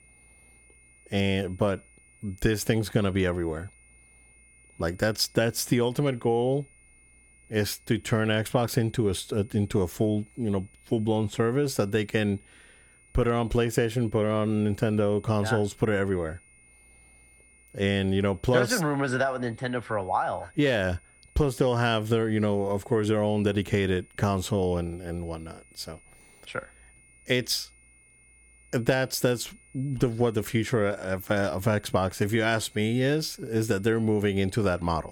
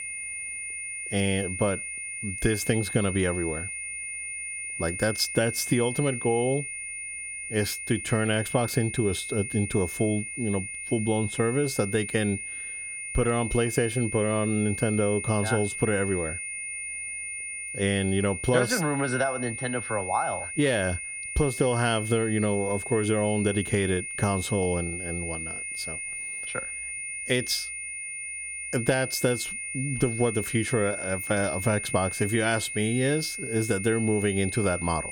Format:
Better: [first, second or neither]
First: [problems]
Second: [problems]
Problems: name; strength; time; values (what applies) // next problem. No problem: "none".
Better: first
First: high-pitched whine; faint; throughout; 2 kHz, 30 dB below the speech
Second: high-pitched whine; loud; throughout; 2 kHz, 5 dB below the speech